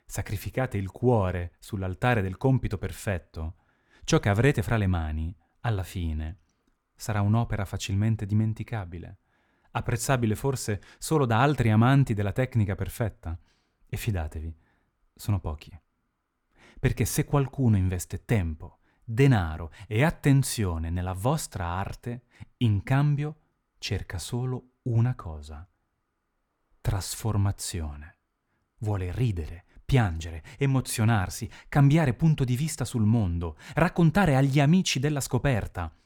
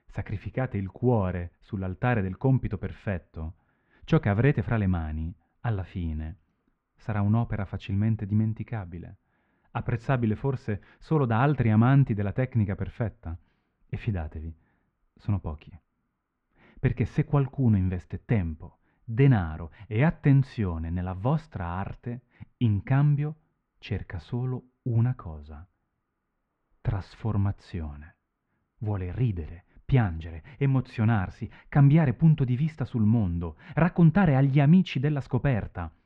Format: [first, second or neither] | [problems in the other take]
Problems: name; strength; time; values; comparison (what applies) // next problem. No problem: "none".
first | muffled; very; fading above 3 kHz